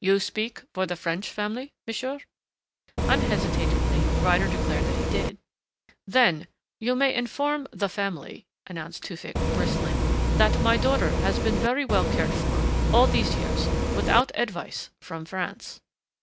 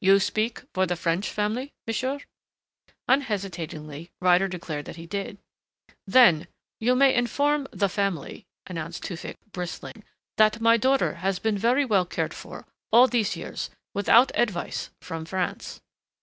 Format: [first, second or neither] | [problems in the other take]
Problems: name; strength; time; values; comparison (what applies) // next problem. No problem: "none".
second | background sound (Bus); 5 dB above the speech